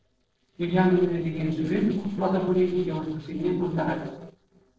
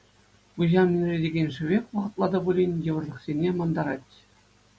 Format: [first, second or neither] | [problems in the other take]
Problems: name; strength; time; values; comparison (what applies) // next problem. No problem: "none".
second | noise reduction (neural separator model SepFormer DNS4)